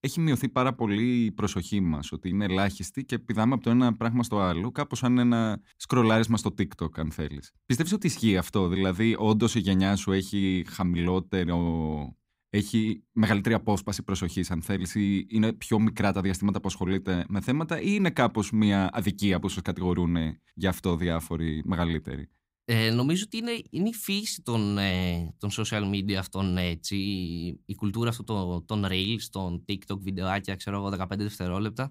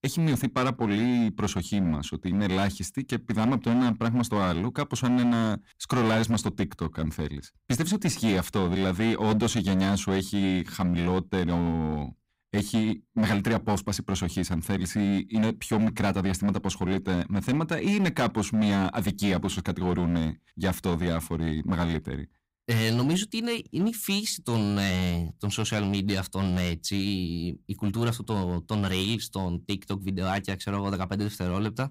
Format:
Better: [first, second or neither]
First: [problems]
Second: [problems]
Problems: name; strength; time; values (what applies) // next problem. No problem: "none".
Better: first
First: none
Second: distortion; slight; 10% of the sound clipped